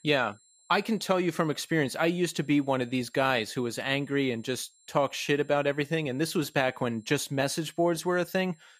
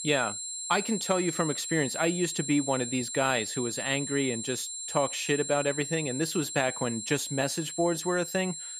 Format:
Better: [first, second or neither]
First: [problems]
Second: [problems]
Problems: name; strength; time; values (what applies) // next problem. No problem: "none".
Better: first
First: high-pitched whine; faint; throughout; 7.5 kHz, 30 dB below the speech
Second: high-pitched whine; loud; throughout; 7.5 kHz, 5 dB below the speech